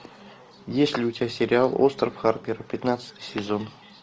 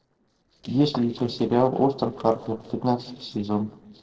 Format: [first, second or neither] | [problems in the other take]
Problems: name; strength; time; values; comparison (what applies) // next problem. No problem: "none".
first | noise reduction (neural separator model SepFormer DNS4)